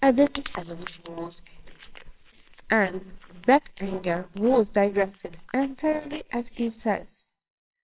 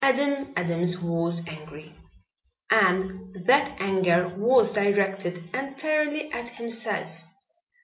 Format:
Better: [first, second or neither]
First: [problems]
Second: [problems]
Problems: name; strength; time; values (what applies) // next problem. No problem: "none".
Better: second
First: noise reduction (neural separator model SepFormer WHAMR!)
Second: none